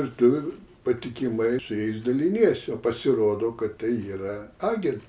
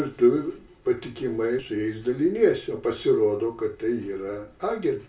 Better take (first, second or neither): first